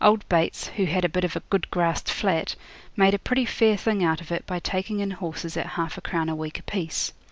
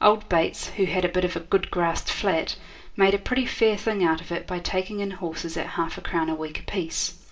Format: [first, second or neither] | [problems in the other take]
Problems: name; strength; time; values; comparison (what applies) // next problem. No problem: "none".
first | room echo; dies away in 0.3 s